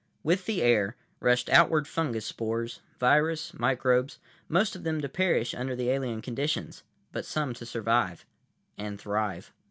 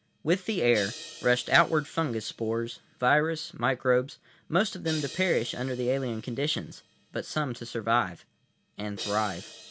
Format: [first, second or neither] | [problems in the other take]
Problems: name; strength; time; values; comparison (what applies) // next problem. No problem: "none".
first | background sound (Crash cymbal); 17 dB below the speech